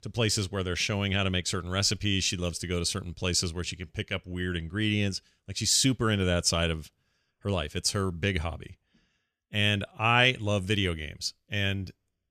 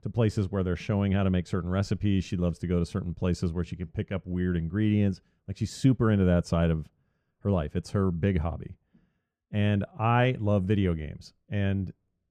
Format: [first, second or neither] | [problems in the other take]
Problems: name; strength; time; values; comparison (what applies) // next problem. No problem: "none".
first | muffled; very; fading above 2 kHz